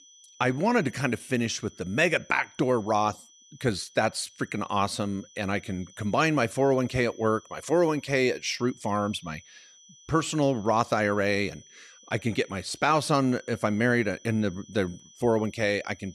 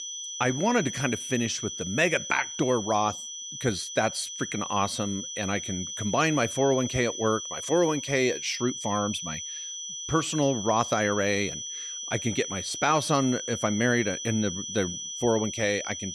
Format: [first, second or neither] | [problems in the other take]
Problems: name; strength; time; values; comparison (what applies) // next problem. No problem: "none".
first | high-pitched whine; loud; throughout; 6 kHz, 6 dB below the speech; faint in the first